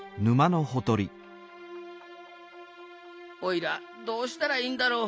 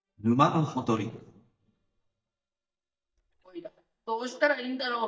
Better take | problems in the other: first | noise reduction (neural mask model DeepFilterNet 3)

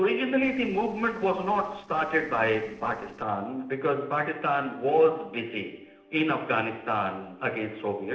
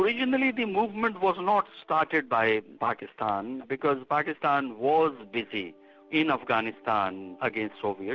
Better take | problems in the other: second | noise reduction (neural separator model SepFormer DNS4)

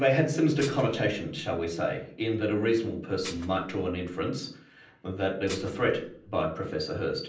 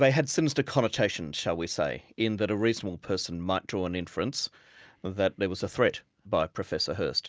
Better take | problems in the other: second | background sound (Dishes, pots, and pans); 17 dB below the speech // room echo; dies away in 0.6 s

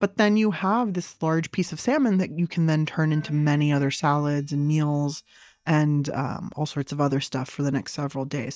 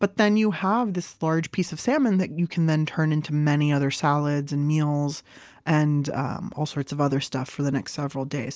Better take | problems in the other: second | noise reduction (neural mask model DeepFilterNet 3)

